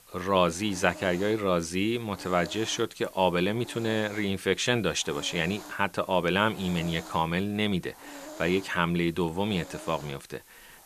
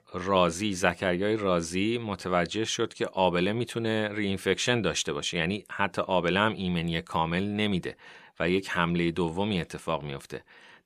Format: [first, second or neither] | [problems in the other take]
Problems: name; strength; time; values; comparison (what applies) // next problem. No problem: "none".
second | hiss; noticeable; throughout; 20 dB below the speech